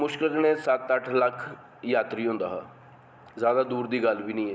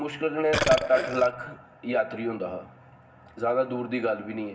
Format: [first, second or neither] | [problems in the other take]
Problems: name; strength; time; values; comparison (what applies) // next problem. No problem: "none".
first | background sound (Burping, eructation); 2 dB below the speech // room echo; dies away in 0.4 s